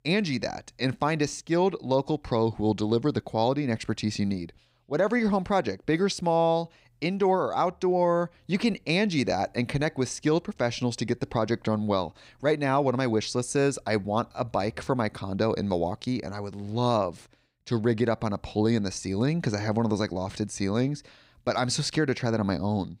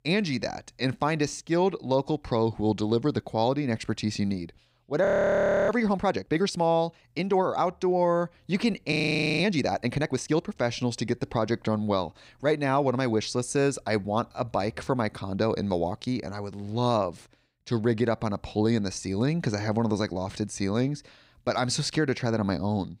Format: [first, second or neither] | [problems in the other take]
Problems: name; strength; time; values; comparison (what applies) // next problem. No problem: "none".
first | audio freezing; at 5 s for 0.5 s and at 9 s